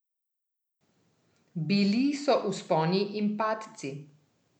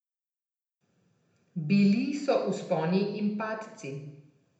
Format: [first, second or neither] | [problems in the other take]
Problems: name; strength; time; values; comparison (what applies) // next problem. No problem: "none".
first | room echo; dies away in 0.8 s